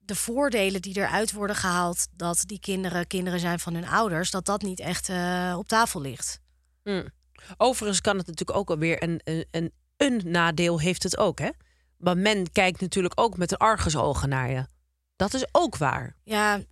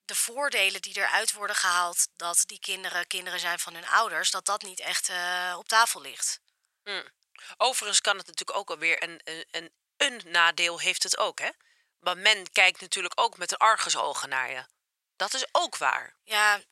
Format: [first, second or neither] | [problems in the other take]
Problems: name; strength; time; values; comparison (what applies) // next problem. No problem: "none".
first | thin; very; fading below 950 Hz